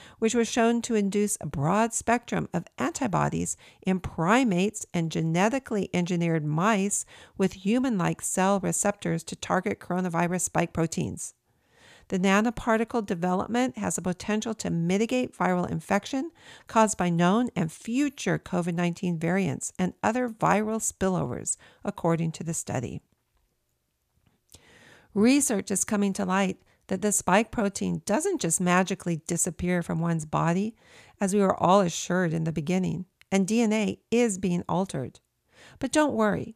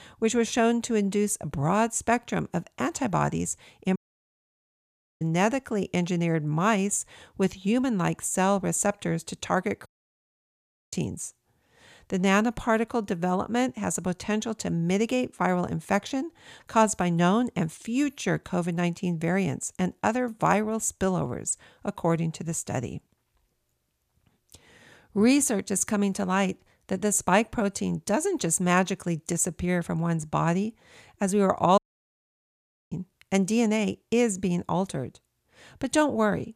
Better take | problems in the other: first | audio cutting out; at 4 s for 1.5 s, at 10 s for 1 s and at 32 s for 1 s

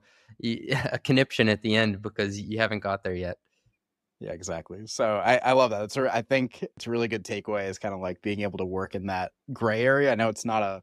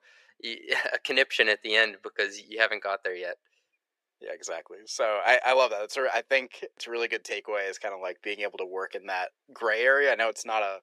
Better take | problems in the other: first | thin; very; fading below 450 Hz

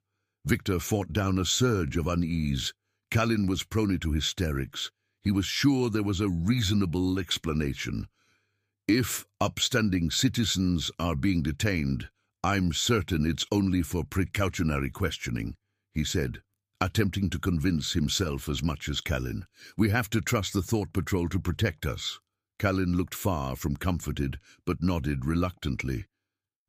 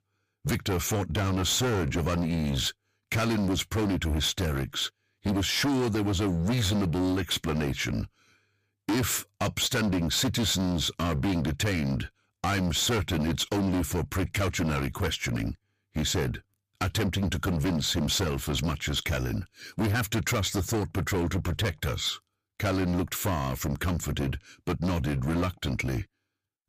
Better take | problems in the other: first | distortion; heavy; 22% of the sound clipped

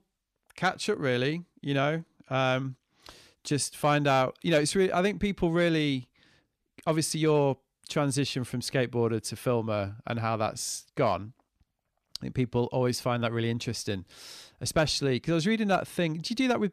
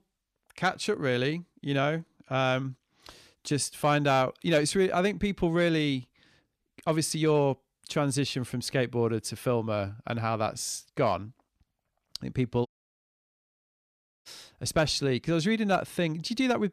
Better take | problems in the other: first | audio cutting out; at 13 s for 1.5 s

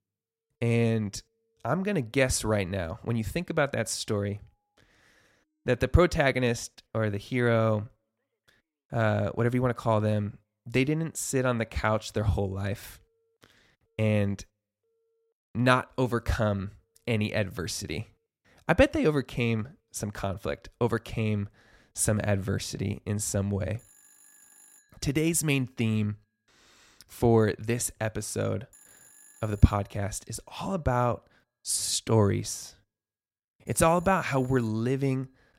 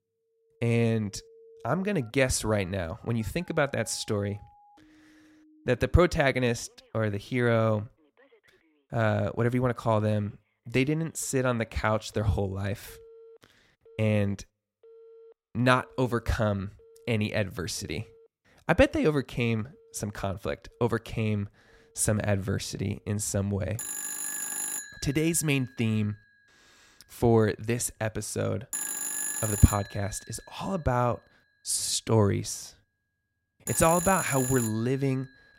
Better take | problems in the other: first | alarms or sirens; loud; throughout; 4 dB below the speech; faint in the first

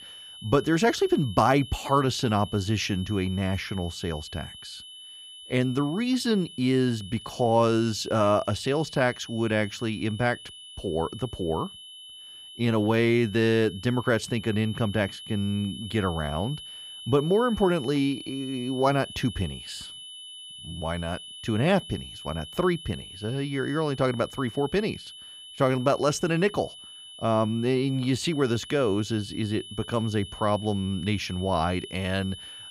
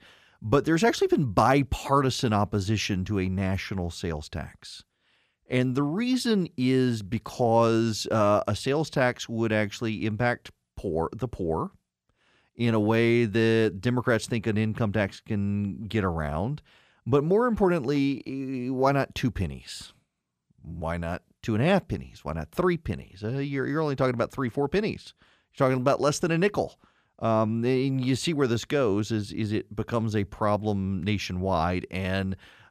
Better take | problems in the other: second | high-pitched whine; noticeable; throughout; 3 kHz, 15 dB below the speech

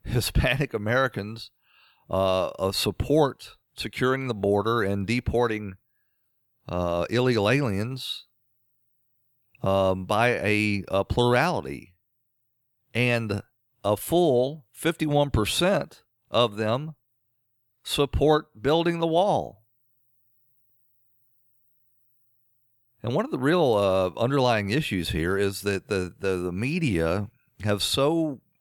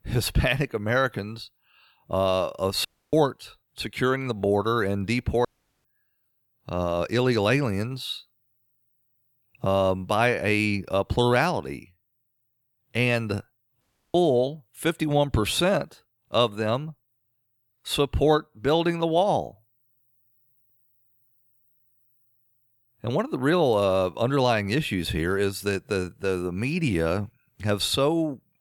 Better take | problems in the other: first | audio cutting out; at 3 s, at 5.5 s and at 14 s

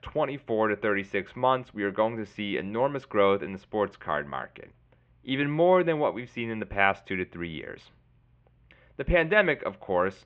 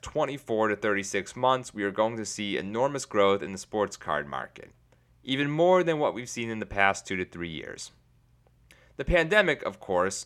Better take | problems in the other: second | muffled; very; fading above 3 kHz

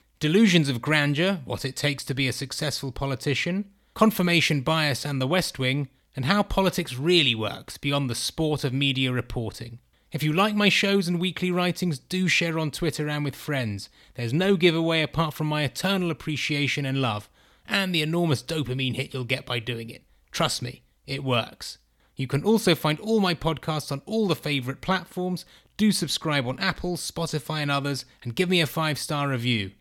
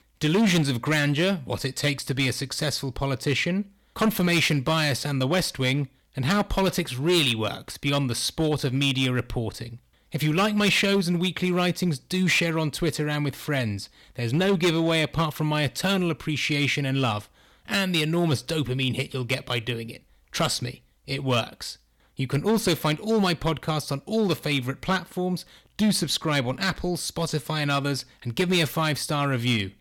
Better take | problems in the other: first | distortion; slight; 5% of the sound clipped

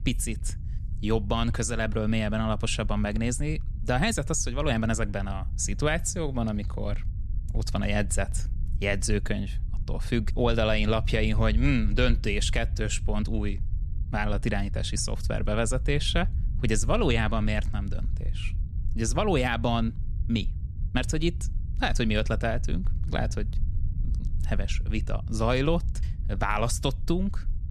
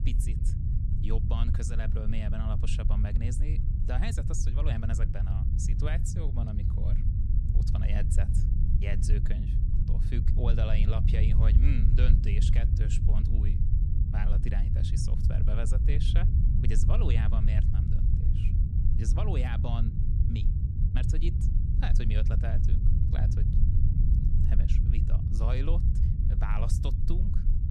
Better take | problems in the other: first | low rumble; loud; throughout; 2 dB below the speech; faint in the first

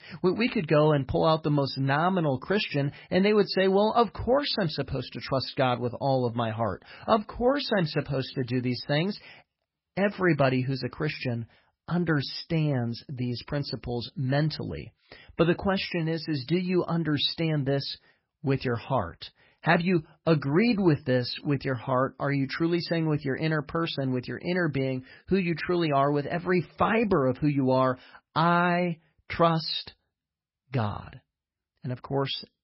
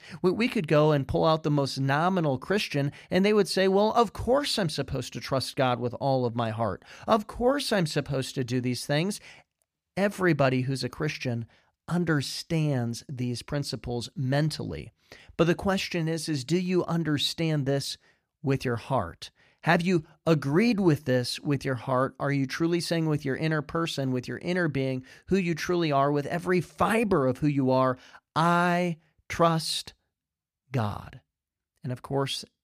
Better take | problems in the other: second | garbled, watery; badly; nothing above 5.5 kHz

